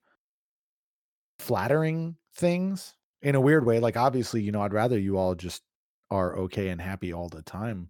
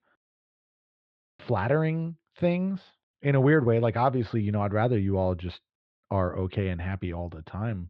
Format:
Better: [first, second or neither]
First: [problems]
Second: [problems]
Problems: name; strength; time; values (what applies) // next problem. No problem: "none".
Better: first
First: none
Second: muffled; slightly; fading above 3.5 kHz